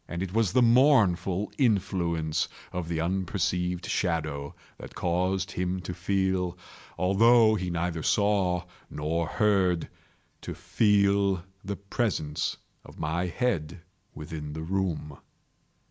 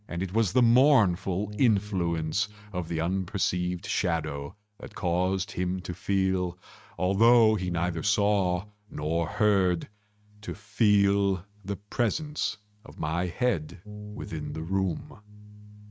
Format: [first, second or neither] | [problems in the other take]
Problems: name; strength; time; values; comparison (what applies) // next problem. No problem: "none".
first | noise reduction (neural mask model RNNoise)